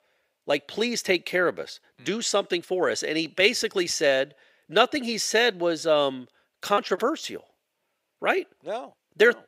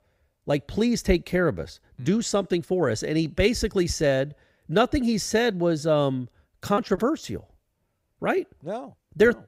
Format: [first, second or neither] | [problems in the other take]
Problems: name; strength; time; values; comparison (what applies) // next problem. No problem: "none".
second | thin; somewhat; fading below 400 Hz